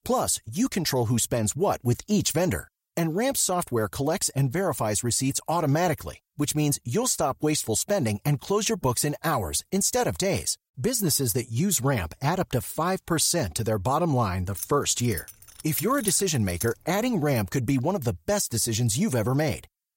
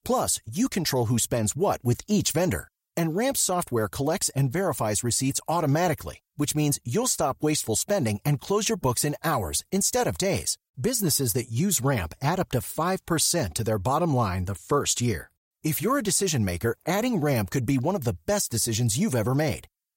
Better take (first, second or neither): second